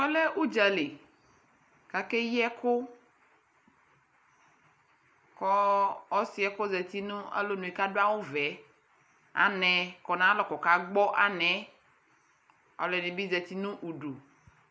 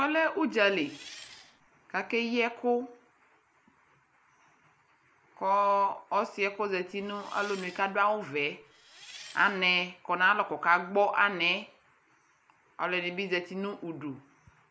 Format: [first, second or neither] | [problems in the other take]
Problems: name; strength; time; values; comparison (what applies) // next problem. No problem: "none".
first | background sound (Engine); 19 dB below the speech